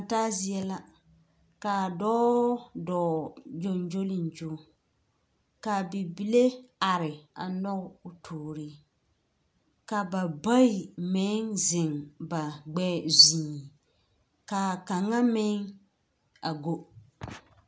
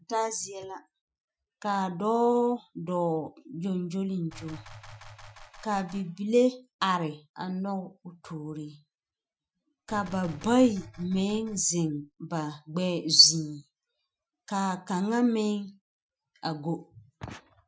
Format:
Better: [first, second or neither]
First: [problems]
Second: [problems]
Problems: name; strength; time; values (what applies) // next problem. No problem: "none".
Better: first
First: none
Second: noise reduction (classical method Wiener filter)